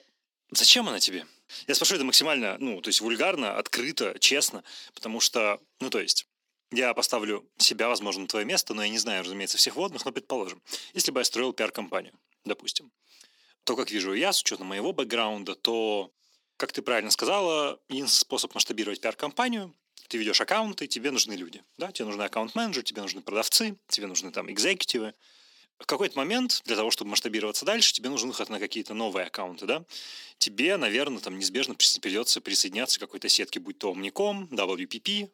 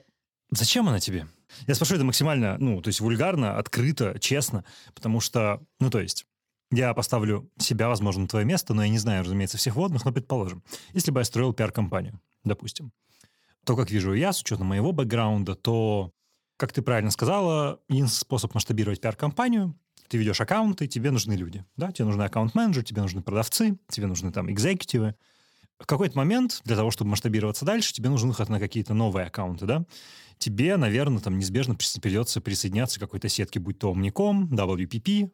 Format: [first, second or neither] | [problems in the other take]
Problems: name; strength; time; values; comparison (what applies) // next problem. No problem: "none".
second | thin; somewhat; fading below 250 Hz